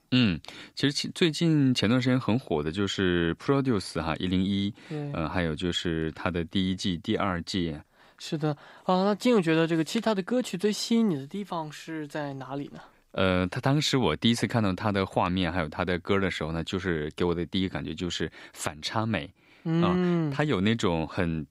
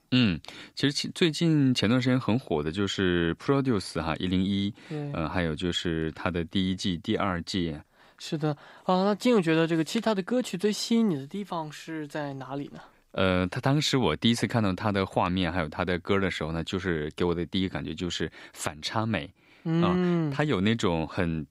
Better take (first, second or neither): neither